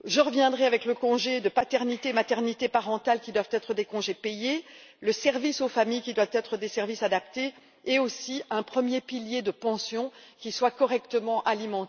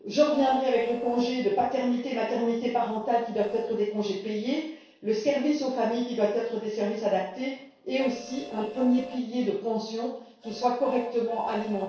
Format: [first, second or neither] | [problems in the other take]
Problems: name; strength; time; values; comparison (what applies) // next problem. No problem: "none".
first | noise reduction (neural separator model SepFormer DNS4)